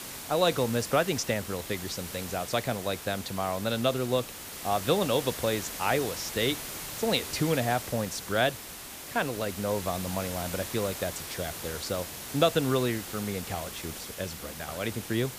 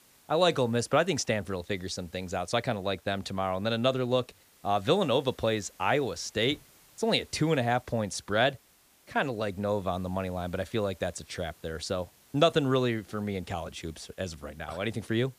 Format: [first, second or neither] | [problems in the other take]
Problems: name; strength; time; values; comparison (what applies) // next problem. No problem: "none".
second | hiss; loud; throughout; 7 dB below the speech; faint in the second